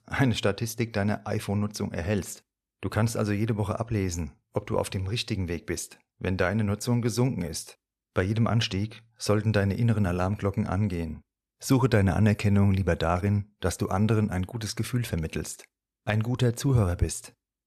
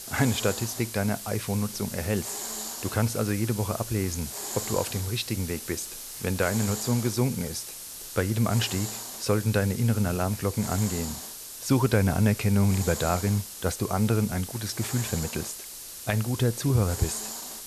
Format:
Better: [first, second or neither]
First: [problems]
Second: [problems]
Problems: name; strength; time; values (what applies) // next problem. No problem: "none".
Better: first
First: none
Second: hiss; loud; throughout; 8 dB below the speech